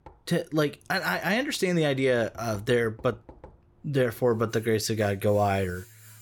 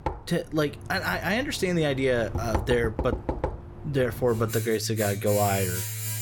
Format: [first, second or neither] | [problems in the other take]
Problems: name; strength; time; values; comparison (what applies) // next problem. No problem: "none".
first | household noises; loud; throughout; 7 dB below the speech; faint in the first